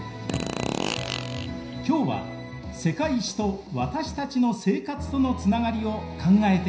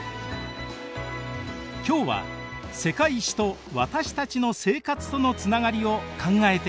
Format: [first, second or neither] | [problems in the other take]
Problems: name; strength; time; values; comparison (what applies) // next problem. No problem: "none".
second | background sound (Fart); 6 dB below the speech // room echo; dies away in 0.5 s